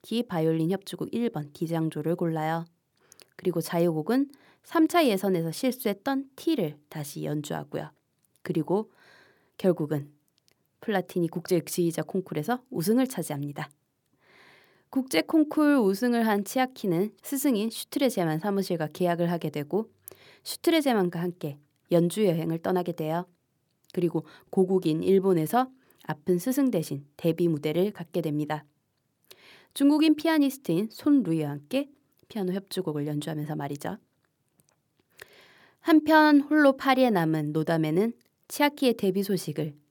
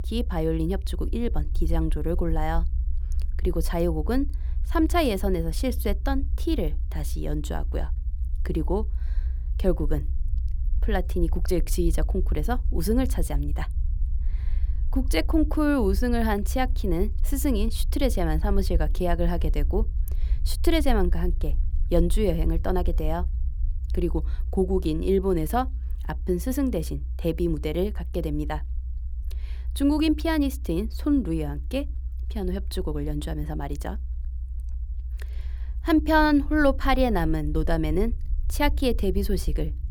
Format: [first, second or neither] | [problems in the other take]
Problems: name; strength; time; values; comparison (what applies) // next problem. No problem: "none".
first | low rumble; faint; throughout; 25 dB below the speech